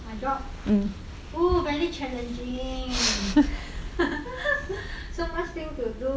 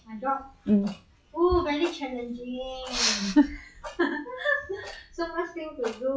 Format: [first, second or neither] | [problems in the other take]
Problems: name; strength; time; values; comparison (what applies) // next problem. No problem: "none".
first | noise reduction (classical method log-MMSE)